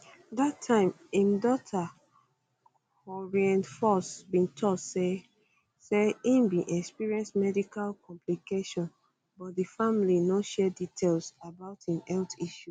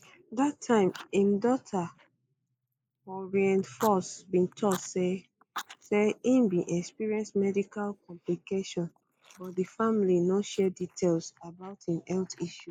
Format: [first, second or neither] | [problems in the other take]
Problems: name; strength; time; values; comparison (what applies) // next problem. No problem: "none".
first | noise reduction (neural mask model Resemble Enhance denoiser)